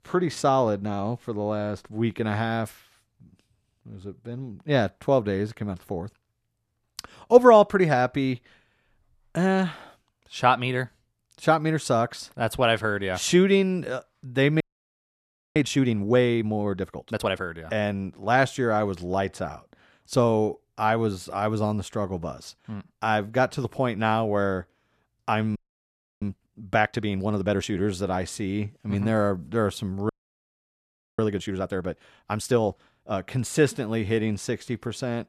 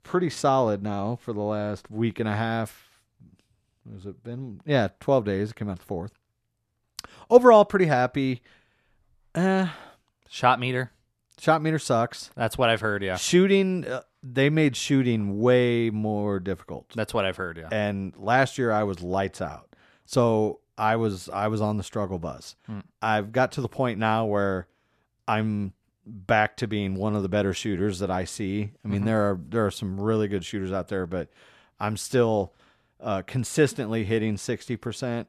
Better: second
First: audio freezing; at 15 s for 1 s, at 26 s for 0.5 s and at 30 s for 1 s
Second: none

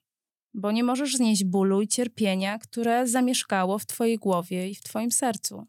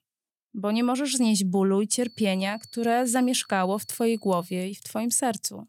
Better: first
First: none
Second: high-pitched whine; faint; from 2 to 4.5 s; 4.5 kHz, 25 dB below the speech

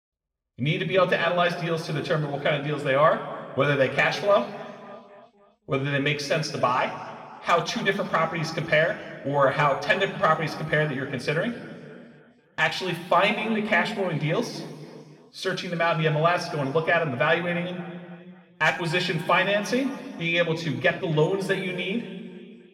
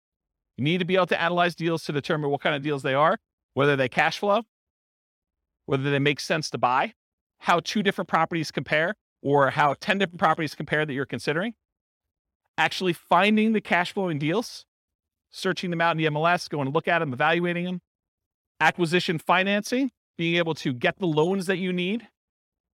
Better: second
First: room echo; slight; dies away in 1.8 s // off-mic speech; somewhat distant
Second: none

